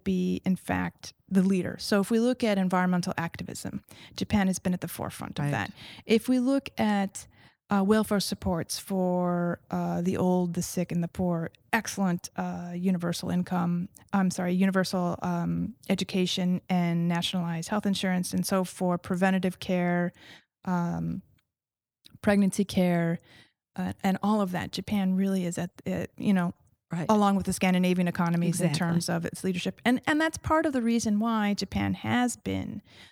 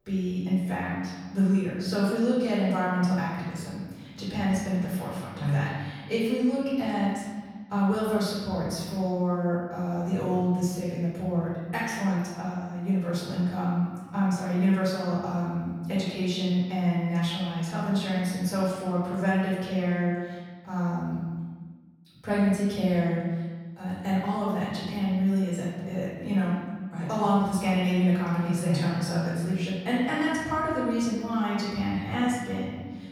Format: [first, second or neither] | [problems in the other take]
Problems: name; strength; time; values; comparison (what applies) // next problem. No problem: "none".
first | off-mic speech; far // room echo; strong; dies away in 1.4 s